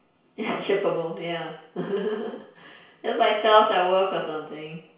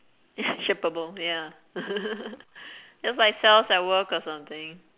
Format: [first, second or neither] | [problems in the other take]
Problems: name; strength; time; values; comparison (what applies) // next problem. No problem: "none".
second | room echo; dies away in 0.6 s